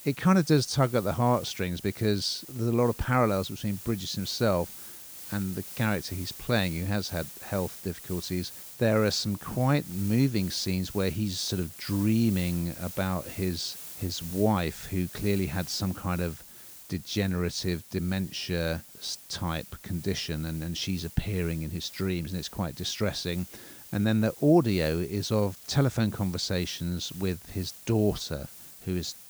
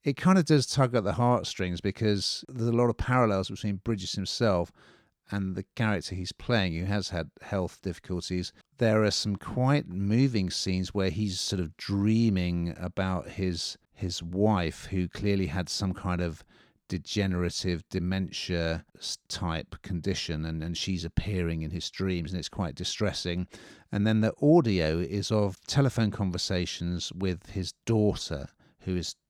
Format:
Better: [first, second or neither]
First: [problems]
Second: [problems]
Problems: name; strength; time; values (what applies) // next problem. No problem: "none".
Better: second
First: hiss; noticeable; throughout; 15 dB below the speech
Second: none